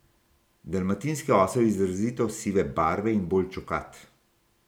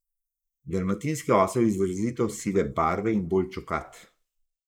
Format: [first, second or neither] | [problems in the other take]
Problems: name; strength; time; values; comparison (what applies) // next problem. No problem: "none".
first | noise reduction (neural mask model Resemble Enhance denoiser)